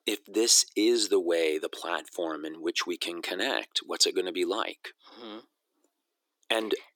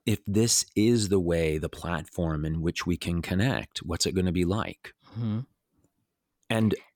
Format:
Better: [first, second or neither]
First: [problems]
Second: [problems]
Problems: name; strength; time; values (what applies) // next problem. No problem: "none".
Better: second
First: thin; very; fading below 350 Hz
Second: none